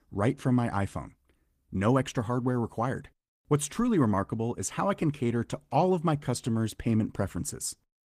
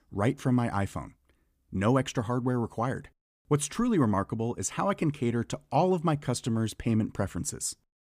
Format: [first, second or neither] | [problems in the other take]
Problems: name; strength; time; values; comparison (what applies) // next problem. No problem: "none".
second | garbled, watery; slightly; nothing above 15 kHz